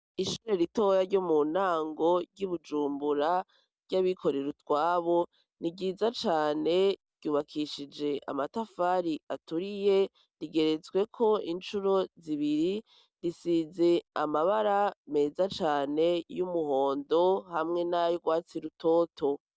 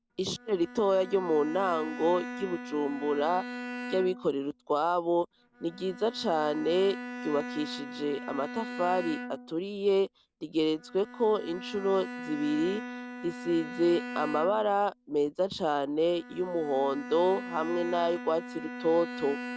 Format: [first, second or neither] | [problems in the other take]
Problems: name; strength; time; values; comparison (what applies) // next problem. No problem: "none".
first | background sound (Bowed string instrument); 11 dB below the speech